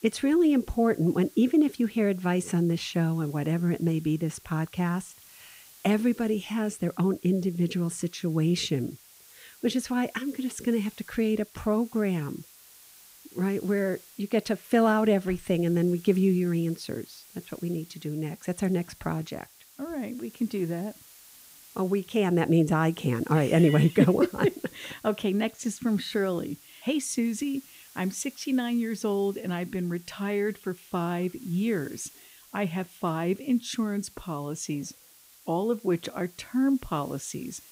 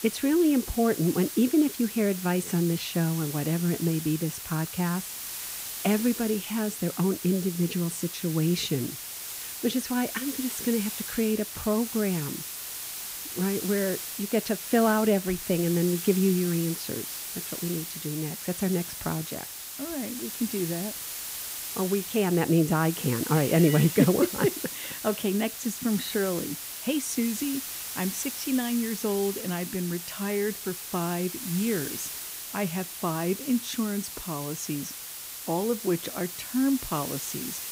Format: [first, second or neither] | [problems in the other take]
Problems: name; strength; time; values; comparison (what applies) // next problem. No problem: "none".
first | hiss; loud; throughout; 6 dB below the speech; faint in the first